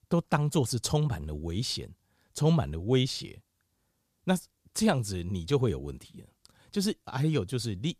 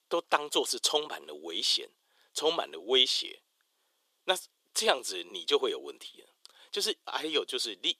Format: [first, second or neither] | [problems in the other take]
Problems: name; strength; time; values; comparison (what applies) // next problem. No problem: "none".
first | thin; very; fading below 350 Hz